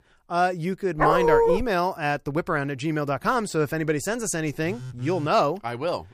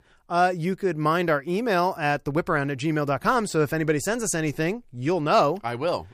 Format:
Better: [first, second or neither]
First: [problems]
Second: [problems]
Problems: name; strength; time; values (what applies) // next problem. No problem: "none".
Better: second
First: dog barking; loud; at 1 s; peak 6 dB above the speech // phone ringing; faint; at 4.5 s; peak 10 dB below the speech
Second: none